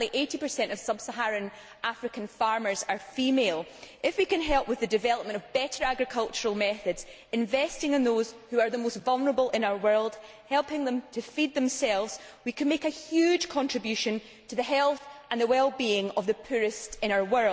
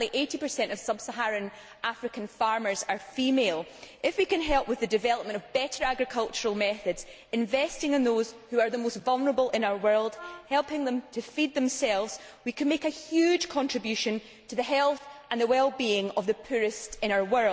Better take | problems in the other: first | background sound (Wind instrument, woodwind instrument); 20 dB below the speech

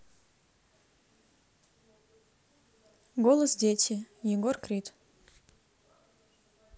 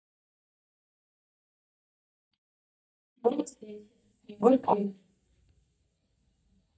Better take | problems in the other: first | noise reduction (neural mask model DeepFilterNet 3)

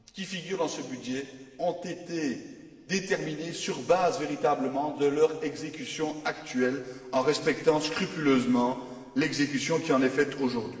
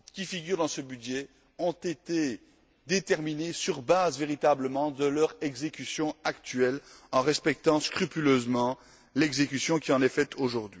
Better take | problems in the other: second | room echo; dies away in 1.7 s

